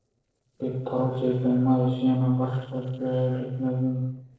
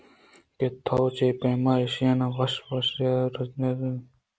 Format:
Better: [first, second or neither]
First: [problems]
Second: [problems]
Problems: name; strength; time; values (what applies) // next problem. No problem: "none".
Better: second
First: noise reduction (neural separator model SepFormer DNS4)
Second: none